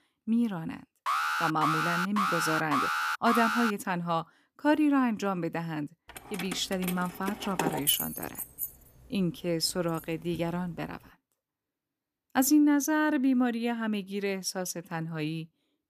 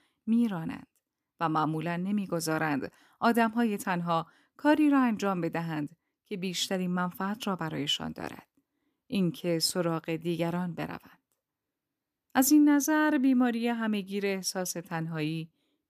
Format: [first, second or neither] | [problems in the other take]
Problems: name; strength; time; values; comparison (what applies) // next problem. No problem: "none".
second | alarm; loud; from 1 to 3.5 s; peak 2 dB above the speech // jangling keys; loud; from 6 to 10 s; peak 2 dB above the speech